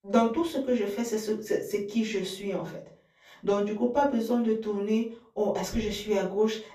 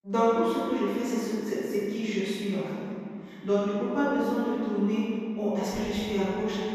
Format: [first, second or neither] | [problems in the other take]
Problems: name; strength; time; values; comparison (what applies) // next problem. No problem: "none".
first | room echo; strong; dies away in 2.8 s; slight in the first // off-mic speech; far; far in the first